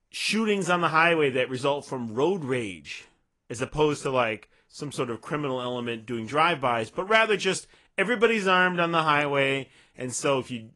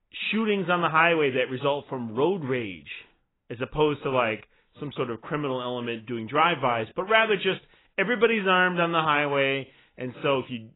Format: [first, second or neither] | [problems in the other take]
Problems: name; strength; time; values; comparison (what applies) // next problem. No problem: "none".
first | garbled, watery; badly; nothing above 3.5 kHz; slightly in the first